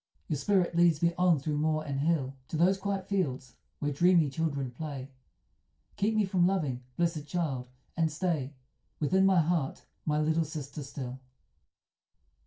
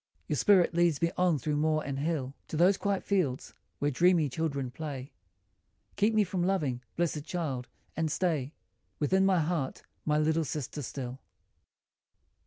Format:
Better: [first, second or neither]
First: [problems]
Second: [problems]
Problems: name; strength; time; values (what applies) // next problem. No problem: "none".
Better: second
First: room echo; dies away in 0.2 s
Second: none